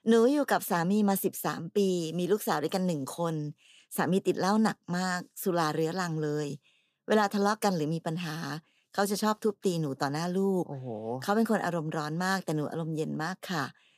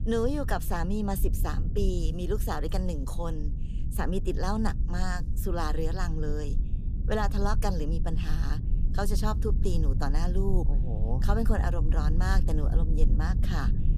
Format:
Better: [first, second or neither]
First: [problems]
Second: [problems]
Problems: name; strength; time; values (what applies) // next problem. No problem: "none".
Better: first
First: none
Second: low rumble; noticeable; throughout; 10 dB below the speech